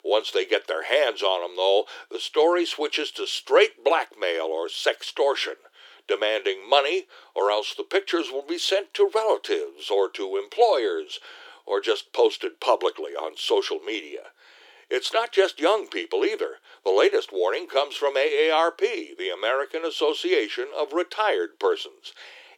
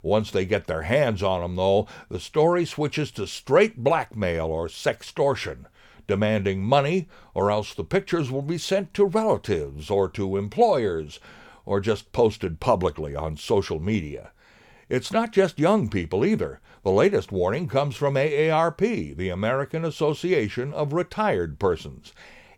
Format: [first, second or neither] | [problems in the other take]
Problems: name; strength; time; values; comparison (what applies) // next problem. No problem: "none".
second | thin; very; fading below 300 Hz